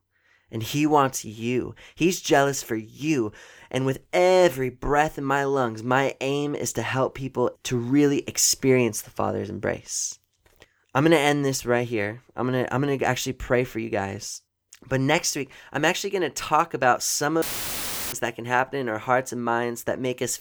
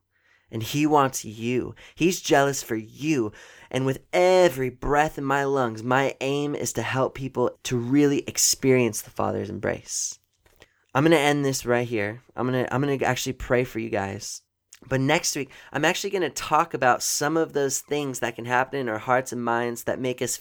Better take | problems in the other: second | audio cutting out; filled with static; at 17 s for 0.5 s

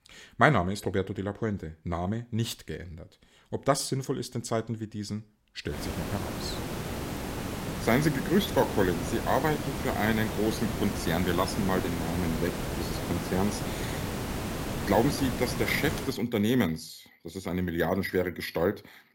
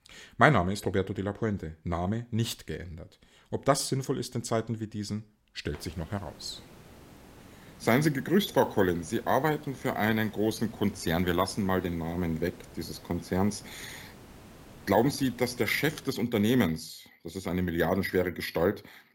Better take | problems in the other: second | hiss; loud; from 5.5 to 16 s; 4 dB below the speech; faint in the second

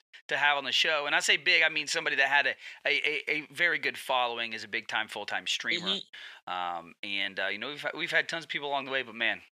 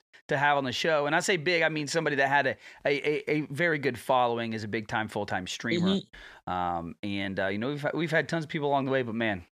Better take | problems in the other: second | thin; somewhat; fading below 1 kHz

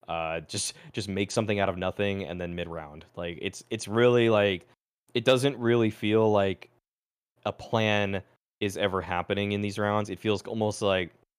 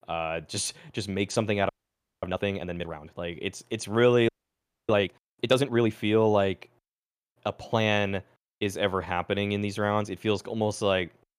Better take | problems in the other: first | audio freezing; at 1.5 s for 0.5 s and at 4.5 s for 0.5 s

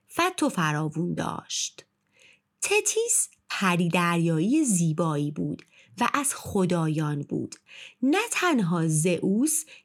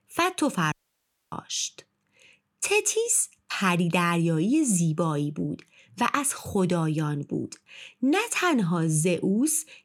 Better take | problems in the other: first | audio cutting out; at 0.5 s for 0.5 s

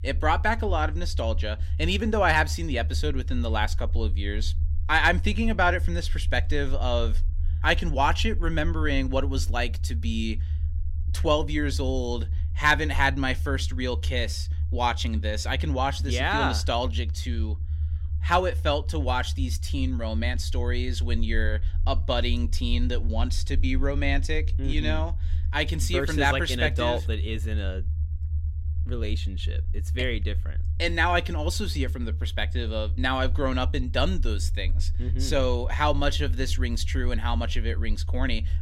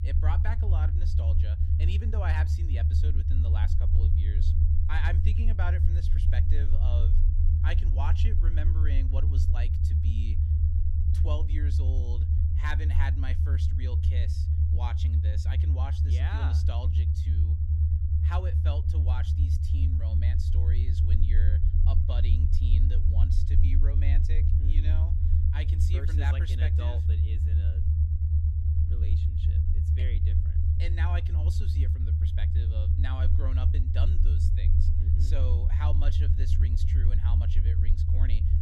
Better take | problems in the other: first | low rumble; loud; throughout; as loud as the speech; faint in the first

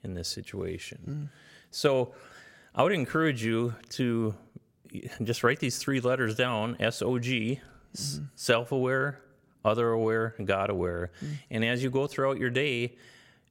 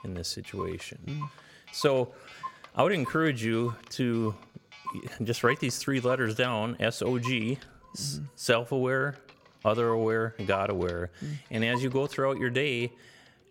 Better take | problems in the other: first | household noises; noticeable; throughout; 15 dB below the speech

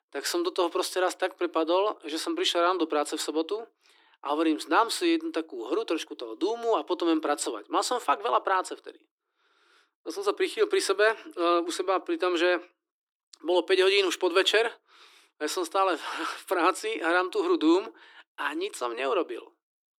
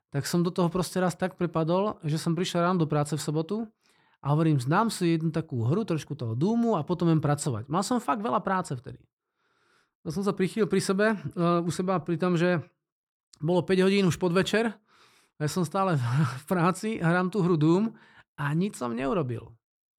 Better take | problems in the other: second | thin; very; fading below 300 Hz

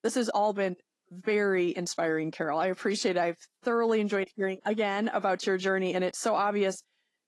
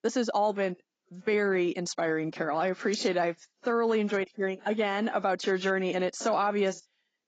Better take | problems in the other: first | garbled, watery; badly; nothing above 7.5 kHz; slightly in the first

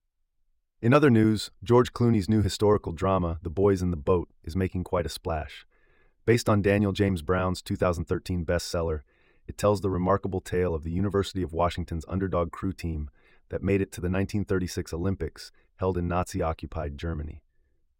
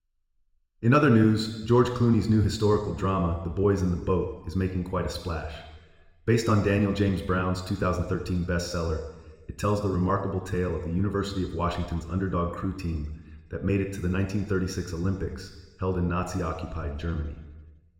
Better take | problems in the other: first | room echo; slight; dies away in 1.1 s

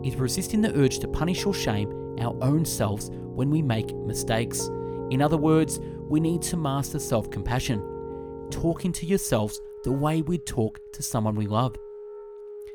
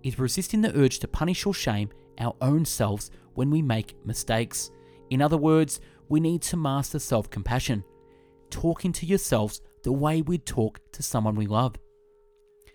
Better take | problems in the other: second | background music; loud; throughout; 9 dB below the speech; faint in the second

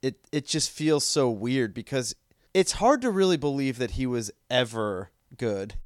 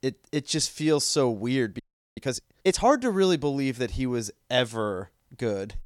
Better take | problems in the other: first | audio freezing; at 2 s

